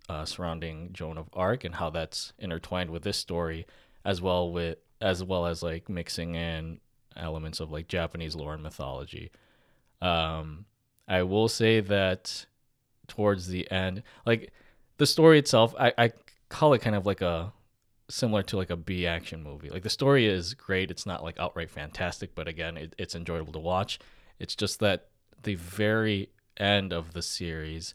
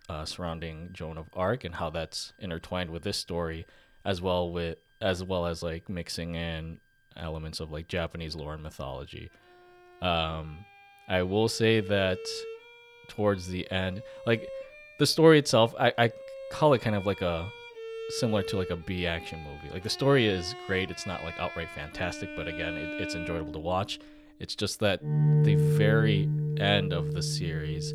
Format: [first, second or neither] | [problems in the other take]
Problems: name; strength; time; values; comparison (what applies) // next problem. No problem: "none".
first | background music; loud; throughout; 3 dB below the speech